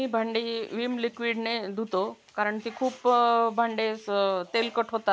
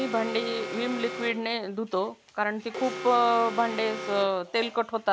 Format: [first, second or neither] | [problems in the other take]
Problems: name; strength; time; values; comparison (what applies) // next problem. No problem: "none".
first | background sound (Alarm); 10 dB below the speech